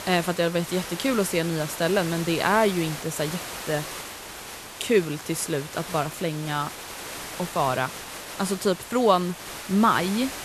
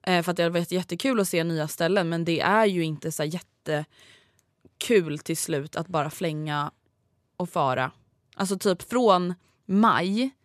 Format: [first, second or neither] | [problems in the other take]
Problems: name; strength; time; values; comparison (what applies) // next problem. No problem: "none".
second | hiss; loud; throughout; 10 dB below the speech